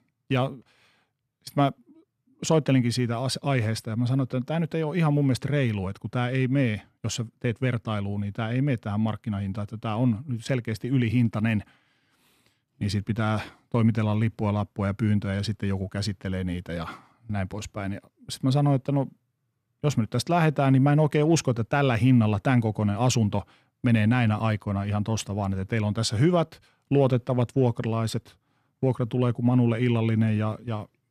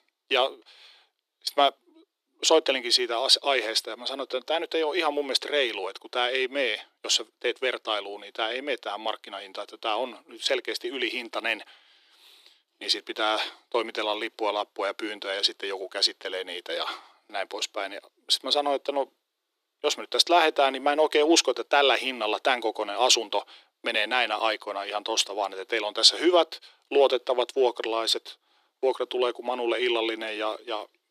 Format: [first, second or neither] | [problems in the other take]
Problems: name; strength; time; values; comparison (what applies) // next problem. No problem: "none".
first | thin; very; fading below 350 Hz